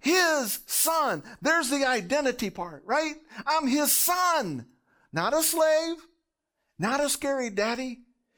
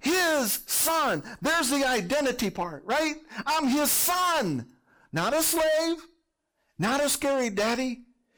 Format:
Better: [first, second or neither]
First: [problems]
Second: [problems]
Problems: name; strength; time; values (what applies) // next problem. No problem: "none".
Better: first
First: none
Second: distortion; heavy; 21% of the sound clipped